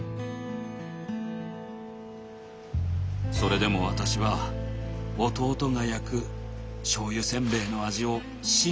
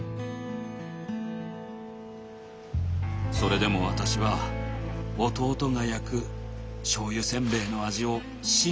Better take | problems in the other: first | background sound (Guitar); 12 dB below the speech

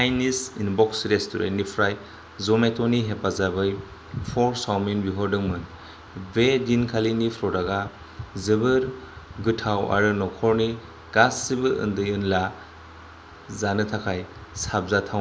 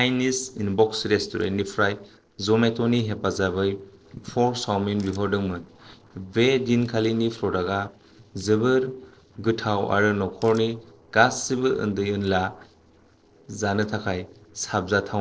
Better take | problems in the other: first | noise reduction (neural separator model SepFormer DNS4)

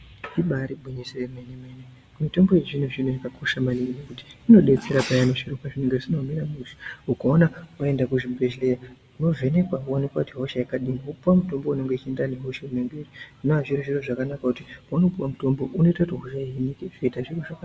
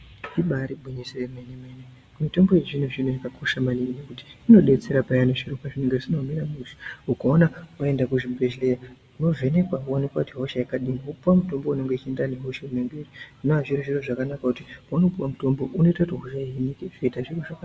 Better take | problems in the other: second | background sound (Sneeze); 15 dB below the speech

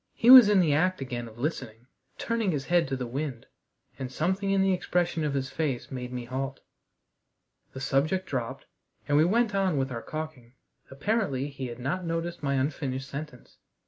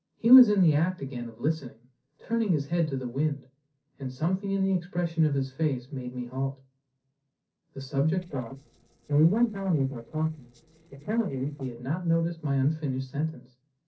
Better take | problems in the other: first | noise reduction (neural separator model SepFormer DNS4)

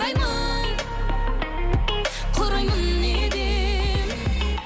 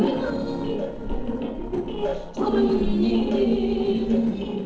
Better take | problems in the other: first | noise reduction (neural separator model SepFormer DNS4)

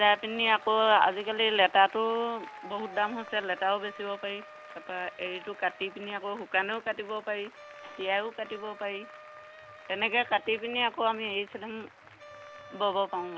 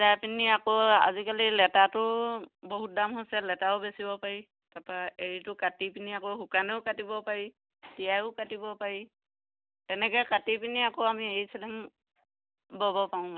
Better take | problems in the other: second | background sound (Wind instrument, woodwind instrument + Applause); 18 dB below the speech

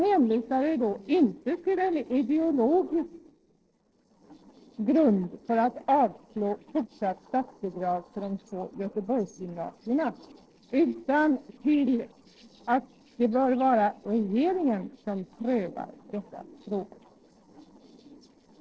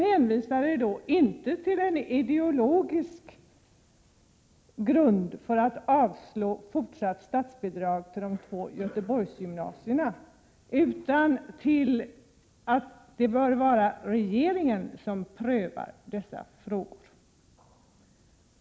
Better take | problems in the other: second | noise reduction (neural separator model SepFormer DNS4)

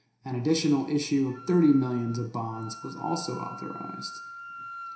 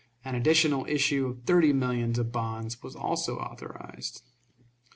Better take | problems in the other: second | background sound (Wind instrument, woodwind instrument); 16 dB below the speech // room echo; dies away in 0.7 s

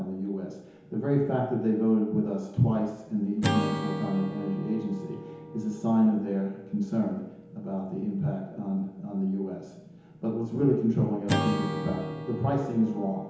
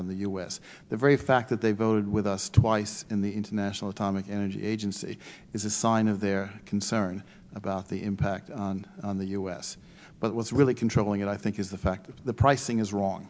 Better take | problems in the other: second | background sound (Acoustic guitar / Strum); 9 dB below the speech // room echo; dies away in 1 s

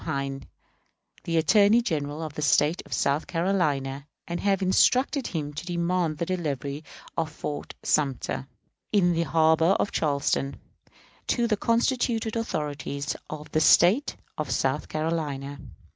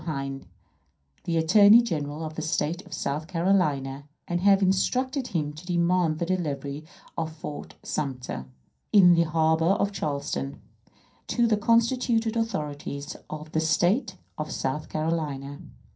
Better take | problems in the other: first | room echo; dies away in 0.3 s

